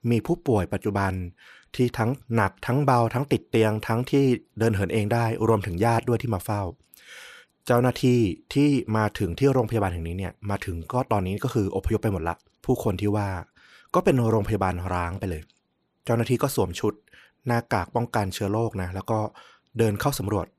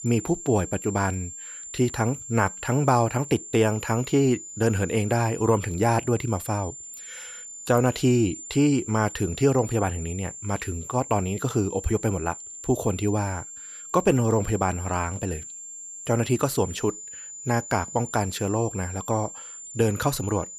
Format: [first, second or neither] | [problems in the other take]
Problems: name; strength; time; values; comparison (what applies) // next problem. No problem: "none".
first | high-pitched whine; noticeable; throughout; 7.5 kHz, 10 dB below the speech